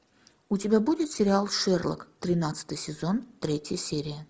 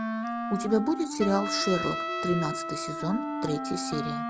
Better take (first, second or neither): first